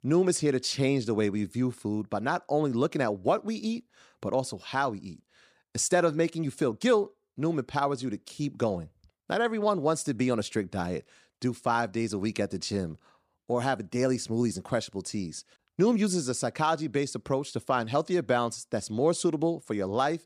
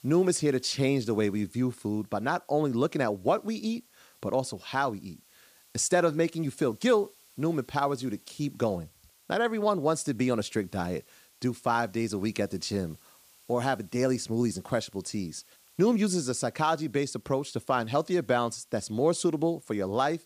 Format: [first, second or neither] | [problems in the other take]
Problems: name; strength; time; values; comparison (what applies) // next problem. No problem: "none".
first | hiss; faint; throughout; 30 dB below the speech